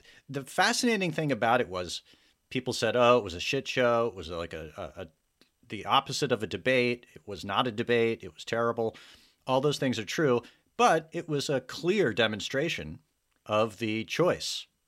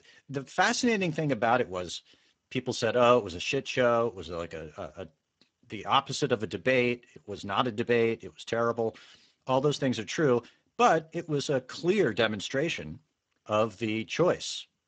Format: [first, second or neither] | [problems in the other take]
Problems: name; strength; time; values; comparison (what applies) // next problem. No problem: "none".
first | garbled, watery; badly; nothing above 7.5 kHz